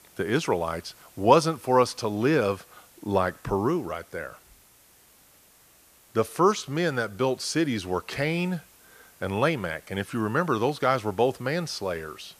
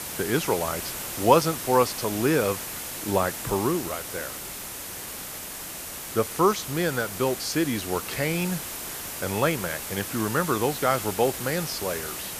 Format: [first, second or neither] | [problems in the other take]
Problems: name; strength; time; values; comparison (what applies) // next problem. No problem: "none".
first | hiss; loud; throughout; 6 dB below the speech; faint in the first